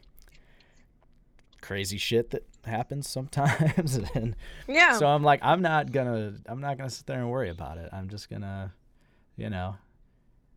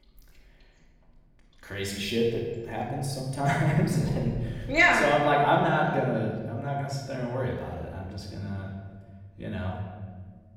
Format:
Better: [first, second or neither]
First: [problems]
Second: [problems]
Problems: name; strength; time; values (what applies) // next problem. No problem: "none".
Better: first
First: none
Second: off-mic speech; far // room echo; noticeable; dies away in 1.3 s